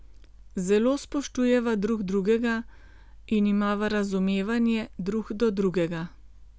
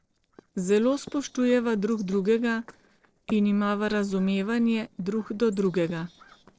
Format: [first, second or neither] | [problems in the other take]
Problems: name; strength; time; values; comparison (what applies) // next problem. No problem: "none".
first | noise reduction (neural separator model SepFormer DNS4)